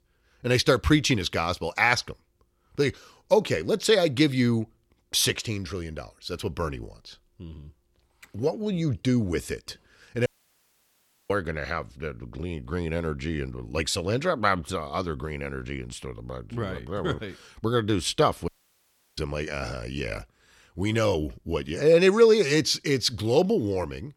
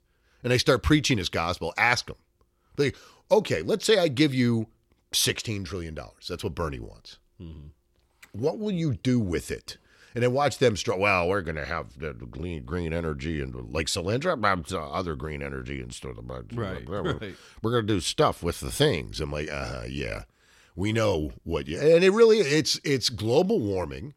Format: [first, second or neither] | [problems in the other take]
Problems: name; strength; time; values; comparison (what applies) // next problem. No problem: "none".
second | audio cutting out; at 10 s for 1 s and at 18 s for 0.5 s